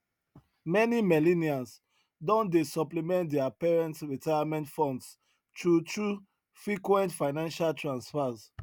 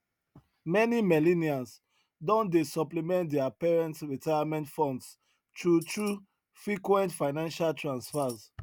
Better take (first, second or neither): first